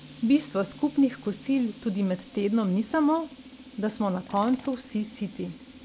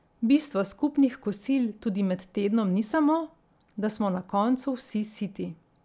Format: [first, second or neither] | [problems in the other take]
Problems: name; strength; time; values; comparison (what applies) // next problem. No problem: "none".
second | background sound (Tools); 19 dB below the speech